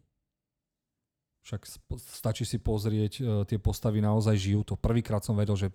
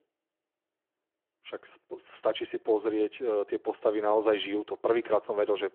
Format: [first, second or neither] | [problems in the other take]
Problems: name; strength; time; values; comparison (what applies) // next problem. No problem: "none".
first | phone-call audio